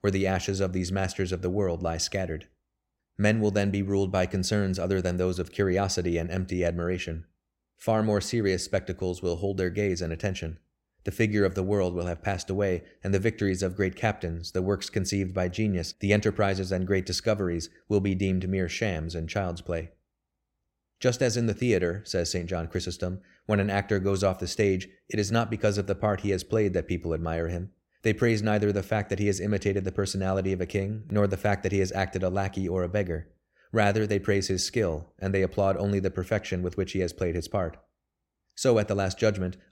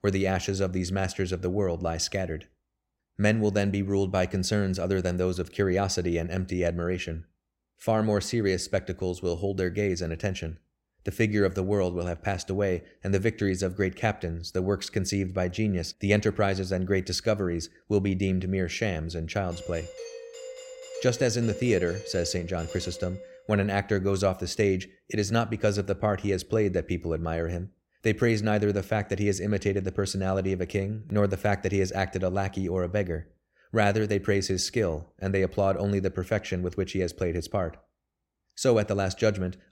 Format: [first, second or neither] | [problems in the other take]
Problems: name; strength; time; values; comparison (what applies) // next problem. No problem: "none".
first | doorbell; faint; from 20 to 23 s; peak 10 dB below the speech